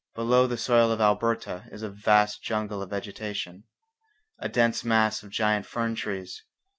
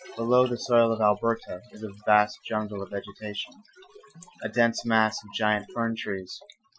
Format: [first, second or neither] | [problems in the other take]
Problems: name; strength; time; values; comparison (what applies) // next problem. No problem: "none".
first | noise reduction (classical method Wiener filter)